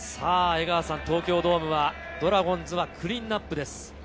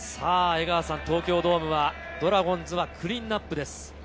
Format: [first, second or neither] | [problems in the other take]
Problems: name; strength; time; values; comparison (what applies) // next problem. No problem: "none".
second | background sound (Bowed string instrument); 19 dB below the speech